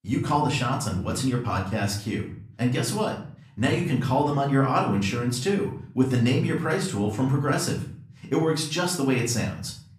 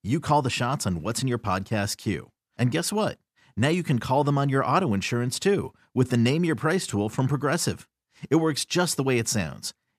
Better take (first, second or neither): second